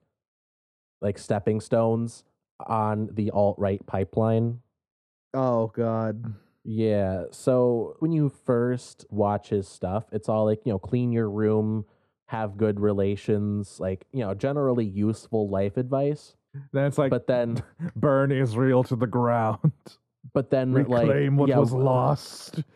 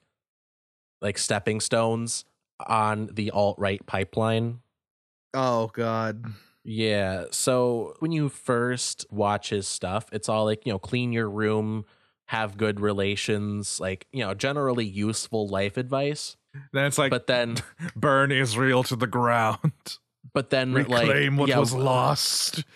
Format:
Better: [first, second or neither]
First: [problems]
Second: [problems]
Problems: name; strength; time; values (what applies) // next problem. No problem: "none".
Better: second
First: muffled; very; fading above 1.5 kHz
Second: none